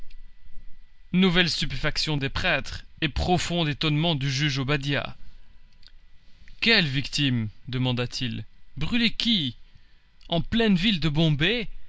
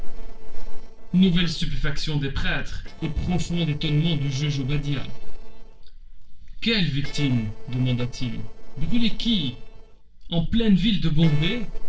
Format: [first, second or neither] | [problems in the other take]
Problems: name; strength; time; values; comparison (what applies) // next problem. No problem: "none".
first | noise reduction (neural separator model SepFormer DNS4)